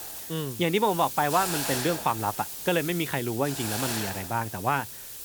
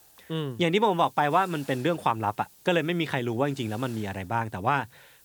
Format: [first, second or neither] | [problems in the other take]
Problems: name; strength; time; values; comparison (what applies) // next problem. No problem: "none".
second | hiss; loud; throughout; 5 dB below the speech; faint in the second